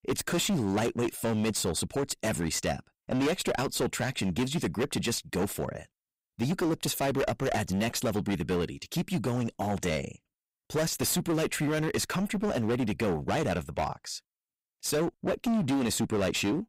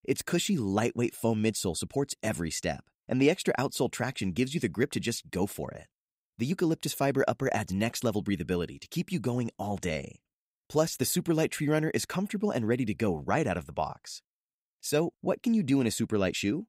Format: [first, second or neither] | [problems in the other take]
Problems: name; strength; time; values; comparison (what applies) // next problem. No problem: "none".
second | distortion; heavy; 18% of the sound clipped